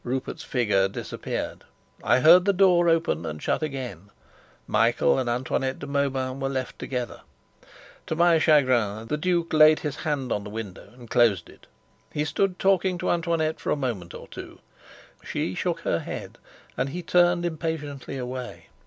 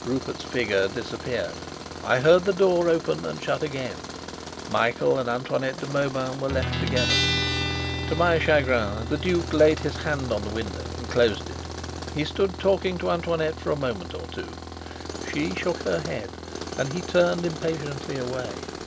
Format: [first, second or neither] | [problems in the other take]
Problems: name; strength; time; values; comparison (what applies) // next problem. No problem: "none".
first | background sound (Tools + Guitar); 6 dB below the speech